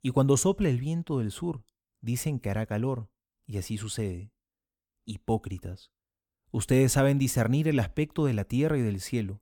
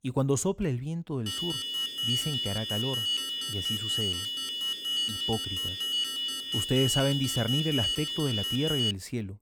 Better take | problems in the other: first | alarm; loud; from 1.5 to 9 s; peak 4 dB above the speech

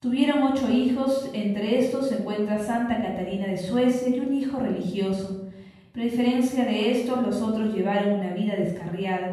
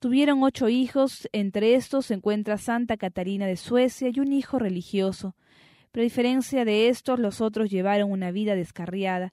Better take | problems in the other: second | off-mic speech; far // room echo; noticeable; dies away in 0.9 s

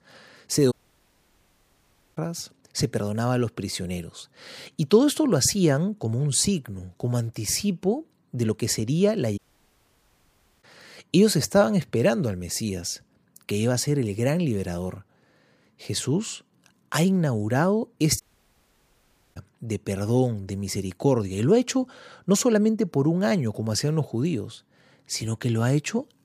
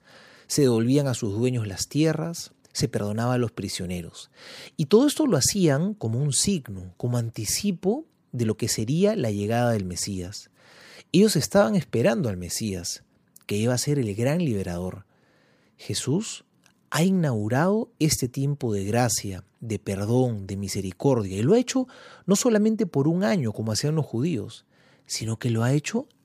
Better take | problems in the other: second | audio cutting out; at 0.5 s for 1.5 s, at 9.5 s for 1.5 s and at 18 s for 1 s

